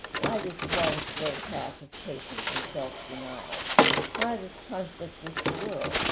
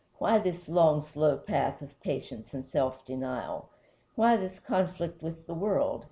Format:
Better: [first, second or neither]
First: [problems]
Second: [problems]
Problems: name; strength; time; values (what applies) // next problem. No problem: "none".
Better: second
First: background sound (Bird); 5 dB above the speech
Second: none